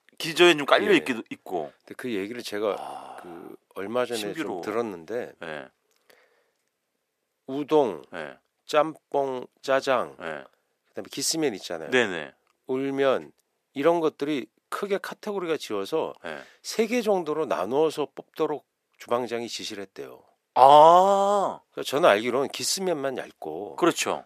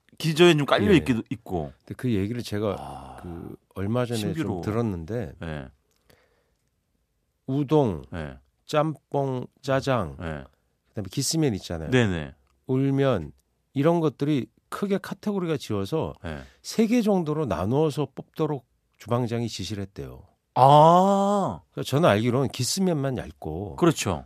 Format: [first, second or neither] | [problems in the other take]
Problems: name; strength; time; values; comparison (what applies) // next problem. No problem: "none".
second | thin; somewhat; fading below 450 Hz